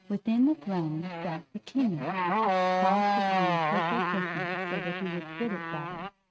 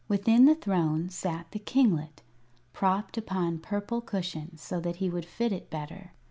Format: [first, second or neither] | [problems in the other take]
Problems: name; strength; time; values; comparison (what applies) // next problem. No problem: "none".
second | noise reduction (neural mask model RNNoise)